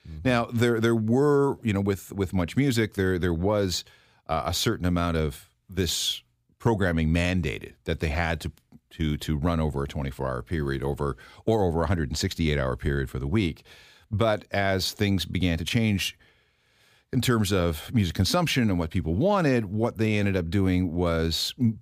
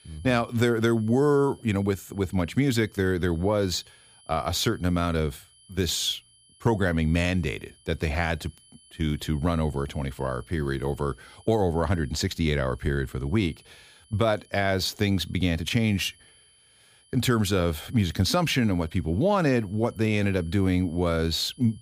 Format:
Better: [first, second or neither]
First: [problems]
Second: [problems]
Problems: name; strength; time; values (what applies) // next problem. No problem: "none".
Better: first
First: none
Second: high-pitched whine; faint; throughout; 3 kHz, 30 dB below the speech